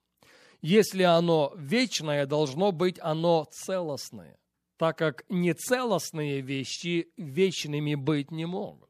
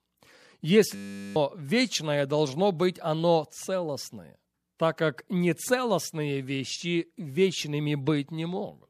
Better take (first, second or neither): first